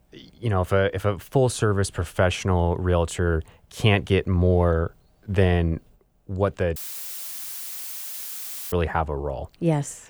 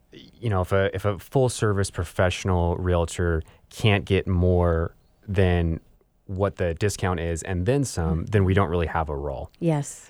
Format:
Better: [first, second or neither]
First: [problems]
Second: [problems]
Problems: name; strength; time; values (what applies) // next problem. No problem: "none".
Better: second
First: audio cutting out; filled with static; at 7 s for 2 s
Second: none